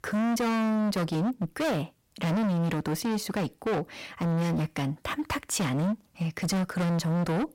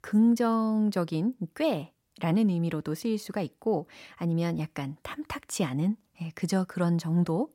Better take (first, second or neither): second